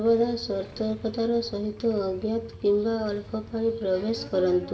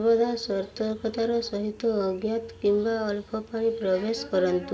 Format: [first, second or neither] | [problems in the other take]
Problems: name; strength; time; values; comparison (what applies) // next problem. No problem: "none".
second | background sound (Idling / Engine starting / Motorcycle / Accelerating, revving, vroom); 19 dB below the speech // room echo; dies away in 0.7 s